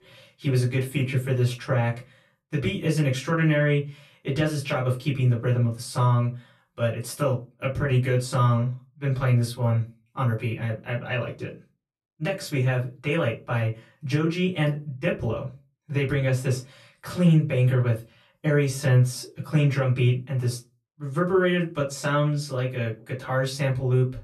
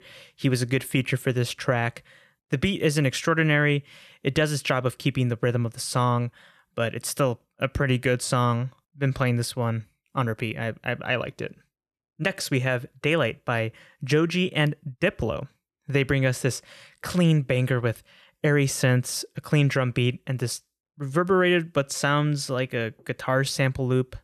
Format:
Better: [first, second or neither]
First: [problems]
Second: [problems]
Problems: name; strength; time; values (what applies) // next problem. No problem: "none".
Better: second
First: off-mic speech; far // room echo; very slight; dies away in 0.2 s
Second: none